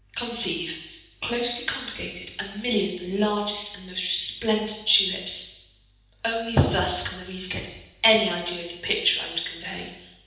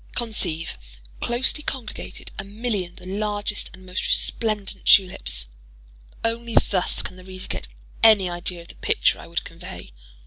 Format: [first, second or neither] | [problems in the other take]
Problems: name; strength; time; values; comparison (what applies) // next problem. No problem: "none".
second | room echo; dies away in 0.9 s